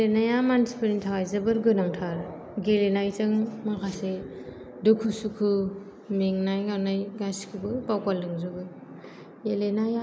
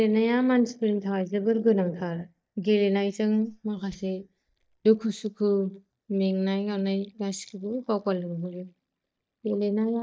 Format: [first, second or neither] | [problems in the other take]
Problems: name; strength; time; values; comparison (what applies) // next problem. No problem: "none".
first | noise reduction (neural mask model DeepFilterNet 3)